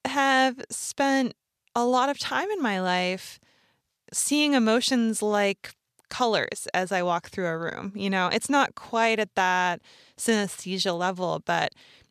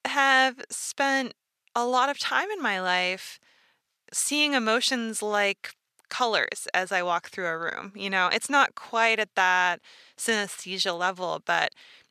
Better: first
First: none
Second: thin; somewhat; fading below 450 Hz

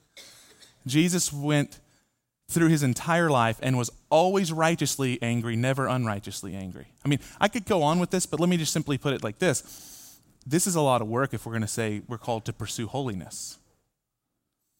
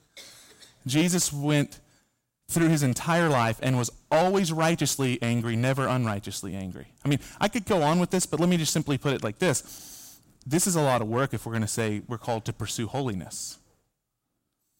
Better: first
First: none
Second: distortion; slight; 5% of the sound clipped

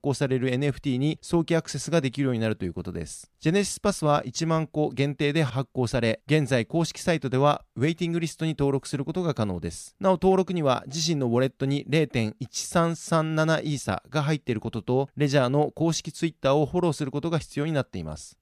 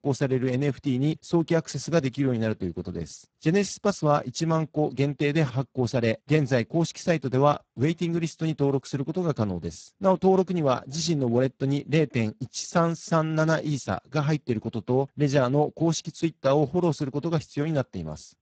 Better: first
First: none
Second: garbled, watery; badly; nothing above 7.5 kHz

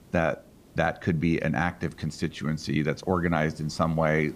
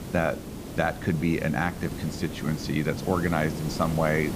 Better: first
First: hiss; faint; throughout; 25 dB below the speech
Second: hiss; loud; throughout; 8 dB below the speech

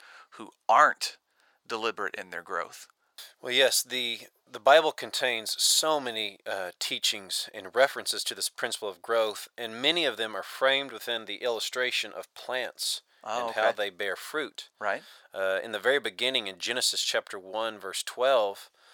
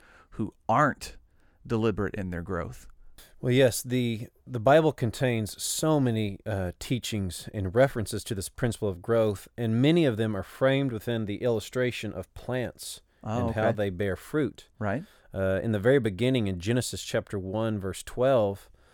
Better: second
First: thin; very; fading below 800 Hz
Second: none

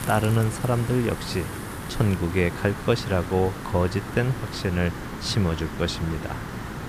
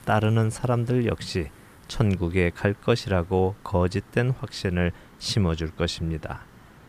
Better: second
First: hiss; loud; throughout; 8 dB below the speech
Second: hiss; faint; throughout; 25 dB below the speech

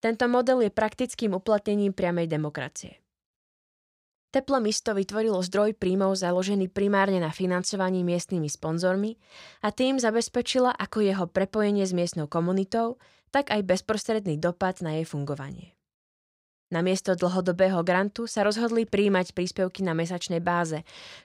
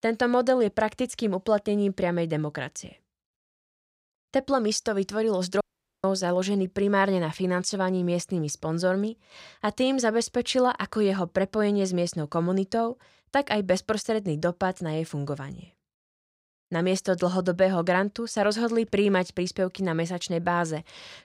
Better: first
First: none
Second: audio cutting out; at 5.5 s

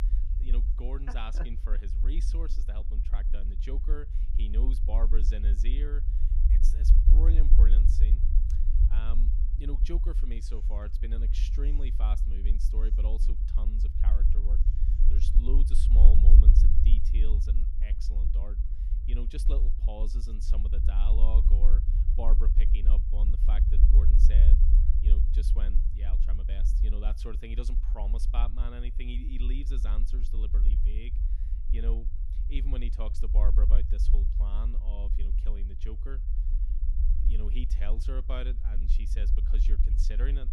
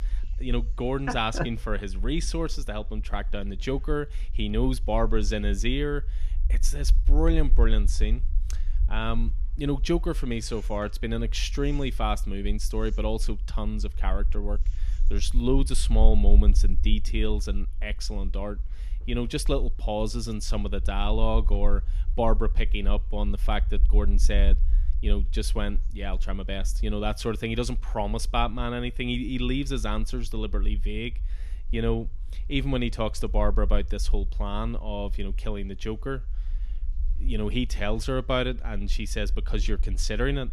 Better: second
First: low rumble; loud; throughout; 4 dB below the speech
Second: low rumble; faint; throughout; 20 dB below the speech

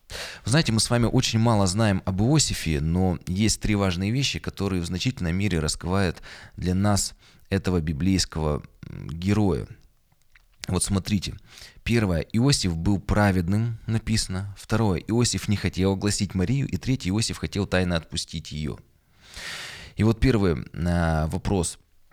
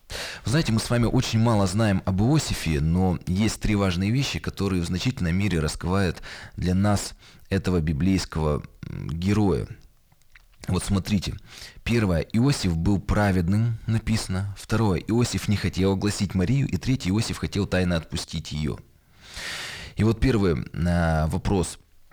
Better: first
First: none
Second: distortion; slight; 10 dB below the speech

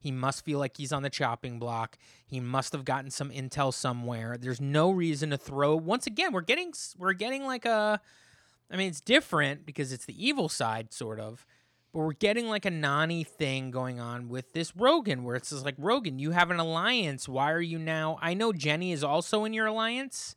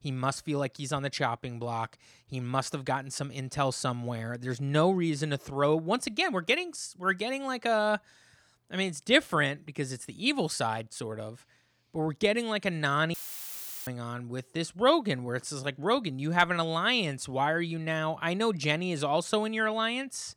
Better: first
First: none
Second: audio cutting out; filled with static; at 13 s for 0.5 s

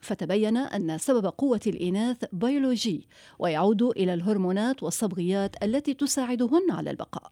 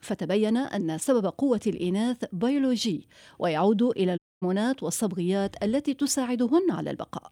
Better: first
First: none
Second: audio cutting out; at 4 s

